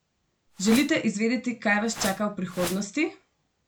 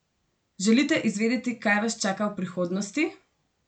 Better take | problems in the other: second | background sound (Whoosh, swoosh, swish); 10 dB below the speech

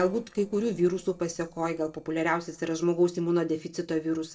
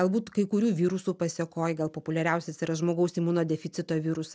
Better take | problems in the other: second | noise reduction (neural separator model SepFormer DNS4)

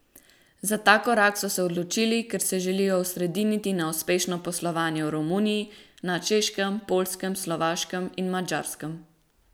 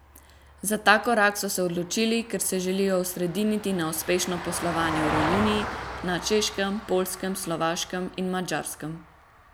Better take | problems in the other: first | background sound (Vehicle); 9 dB below the speech

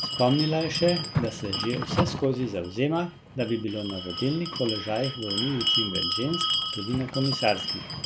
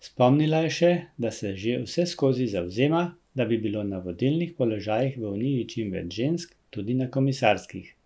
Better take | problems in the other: second | background sound (Bell); 3 dB below the speech

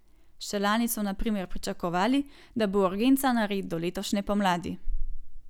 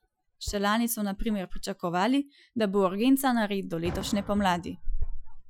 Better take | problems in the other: first | noise reduction (classical method Wiener filter)

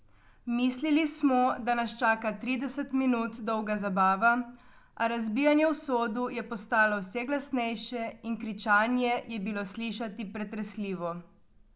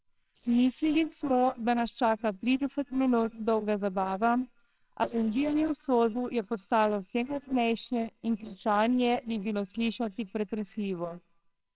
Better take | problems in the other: first | noise reduction (neural separator model SepFormer WHAMR!)

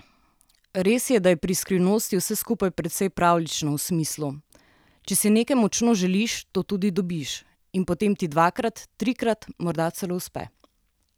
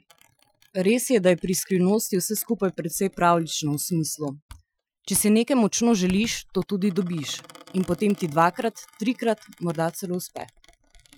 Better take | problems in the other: first | noise reduction (classical method Wiener filter)

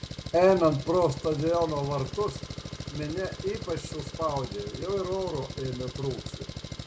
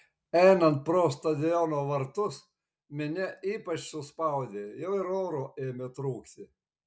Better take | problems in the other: second | background sound (Engine); 9 dB below the speech // room echo; dies away in 0.4 s

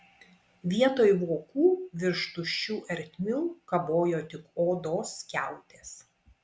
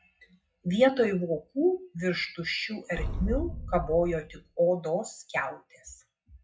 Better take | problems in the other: first | noise reduction (classical method WPE with log-MMSE)

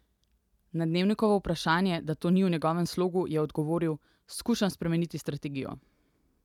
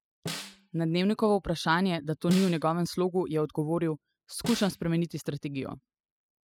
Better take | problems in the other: first | noise reduction (classical method spectral subtraction)

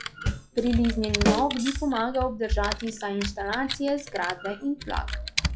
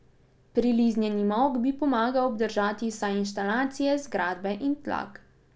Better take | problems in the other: second | noise reduction (classical method log-MMSE)

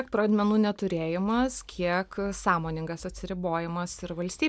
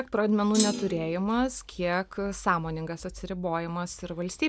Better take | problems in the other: first | background sound (Thump, thud); 4 dB below the speech

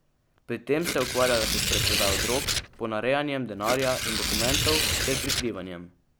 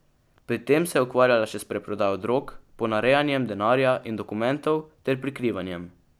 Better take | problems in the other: second | background sound (Tearing); 2 dB above the speech

